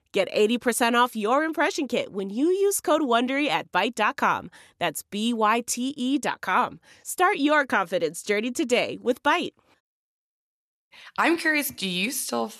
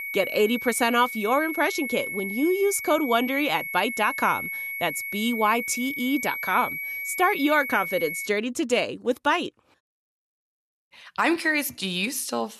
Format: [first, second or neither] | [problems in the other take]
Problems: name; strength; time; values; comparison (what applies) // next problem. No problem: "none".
first | high-pitched whine; loud; until 8.5 s; 2 kHz, 6 dB below the speech